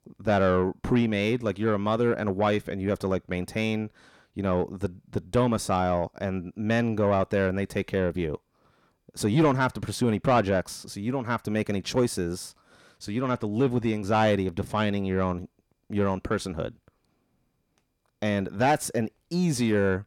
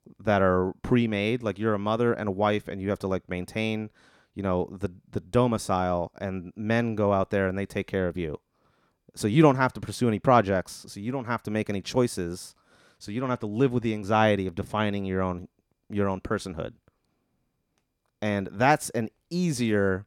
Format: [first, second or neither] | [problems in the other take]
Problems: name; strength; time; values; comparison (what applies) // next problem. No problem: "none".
second | distortion; slight; 10 dB below the speech